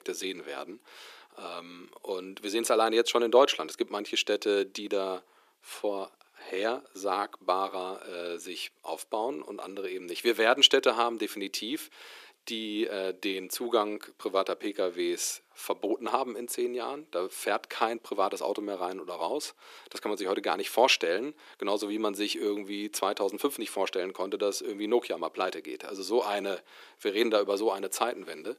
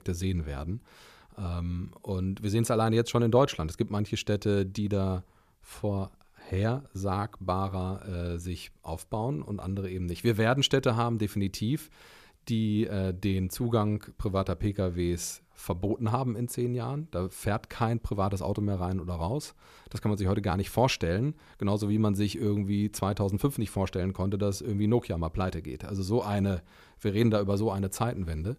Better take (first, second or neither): second